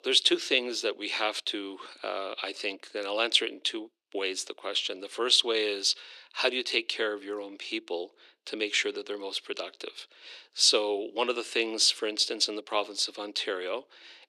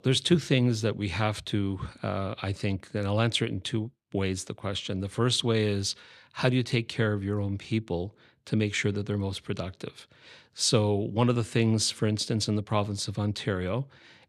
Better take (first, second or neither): second